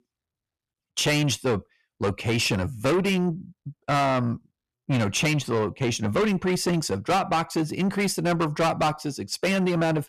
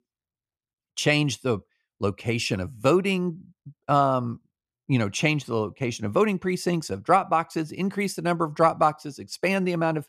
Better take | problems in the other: second | distortion; heavy; 6 dB below the speech

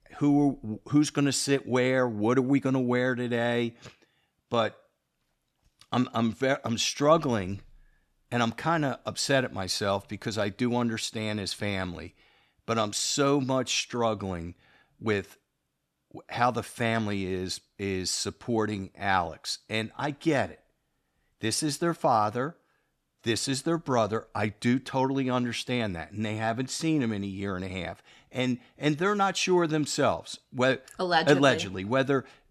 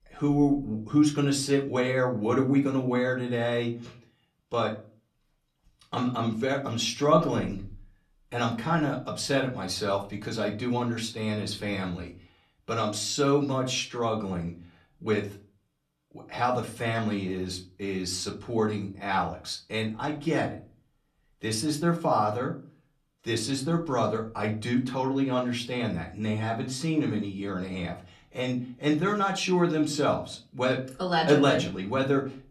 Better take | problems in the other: first | off-mic speech; far // room echo; very slight; dies away in 0.3 s

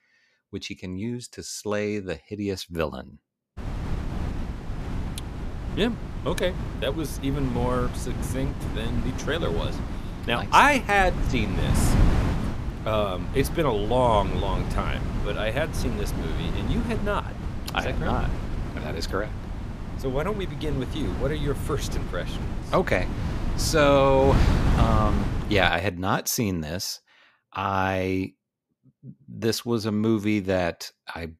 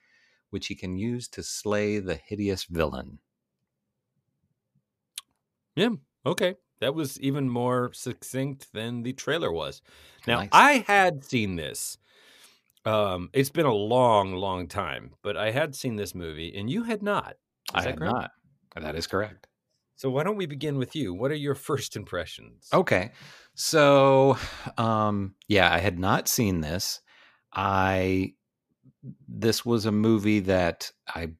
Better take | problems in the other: second | wind noise on the microphone; occasional gusts; from 3.5 to 26 s; 10 dB below the speech

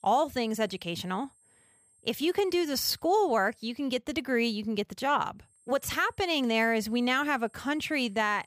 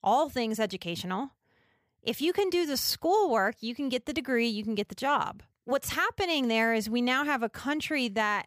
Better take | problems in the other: second | high-pitched whine; faint; until 4 s and from 5.5 s on; 8.5 kHz, 30 dB below the speech

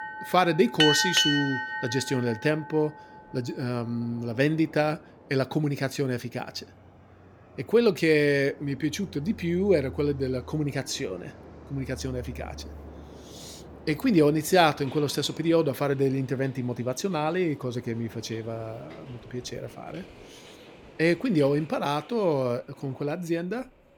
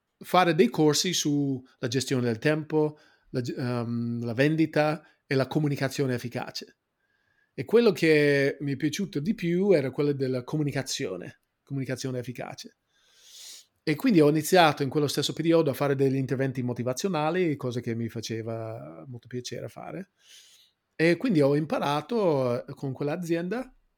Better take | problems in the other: second | train or aircraft noise; loud; throughout; 5 dB below the speech

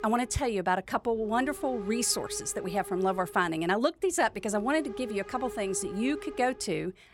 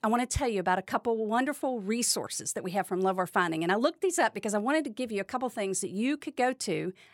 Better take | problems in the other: second | hiss; noticeable; throughout; 15 dB below the speech

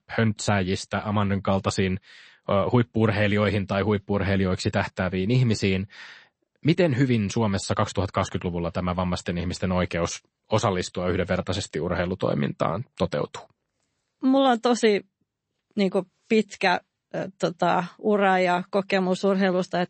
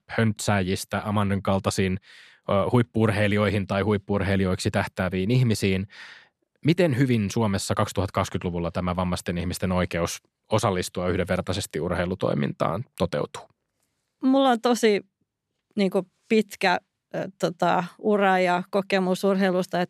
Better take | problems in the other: second | garbled, watery; slightly; nothing above 8 kHz

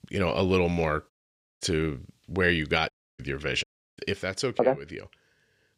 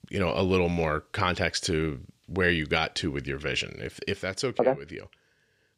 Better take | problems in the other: second | audio cutting out; at 1 s for 0.5 s, at 3 s and at 3.5 s

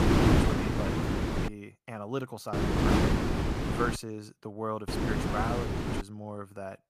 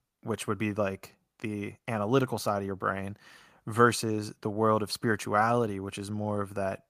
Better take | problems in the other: second | wind noise on the microphone; heavy; until 1.5 s, from 2.5 to 4 s and from 5 to 6 s; 5 dB above the speech

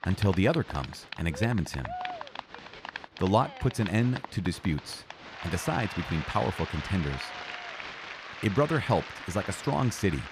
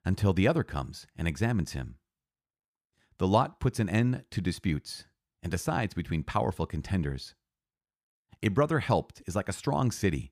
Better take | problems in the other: second | crowd noise; noticeable; throughout; 10 dB below the speech

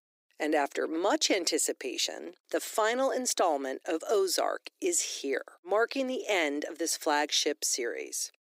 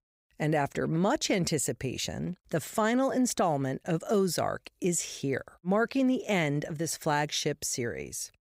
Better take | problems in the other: second | thin; somewhat; fading below 300 Hz

